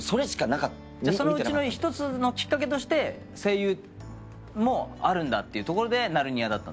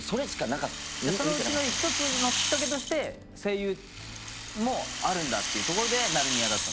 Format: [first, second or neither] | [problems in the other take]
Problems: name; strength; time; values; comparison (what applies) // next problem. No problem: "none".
first | background sound (Rattle (instrument)); 1 dB below the speech